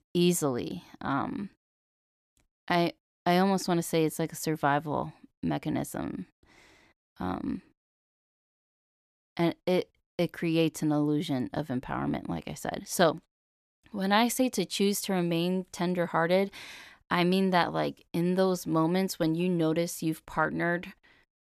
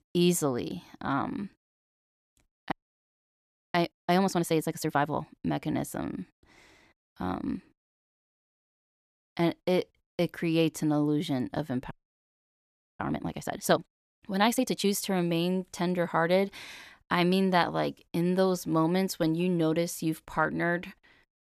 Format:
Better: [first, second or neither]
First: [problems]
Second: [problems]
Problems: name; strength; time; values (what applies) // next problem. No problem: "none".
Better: first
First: none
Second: audio freezing; at 2.5 s for 1 s and at 12 s for 1 s